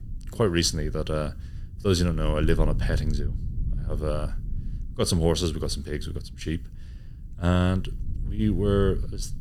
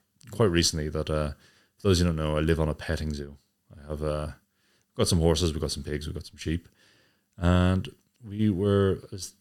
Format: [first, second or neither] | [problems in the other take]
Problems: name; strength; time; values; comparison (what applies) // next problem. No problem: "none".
second | low rumble; noticeable; throughout; 20 dB below the speech